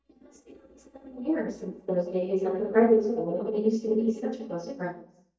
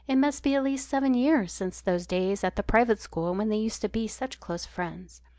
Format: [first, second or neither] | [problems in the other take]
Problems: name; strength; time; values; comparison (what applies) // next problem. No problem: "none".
second | noise reduction (neural mask model DeepFilterNet 3)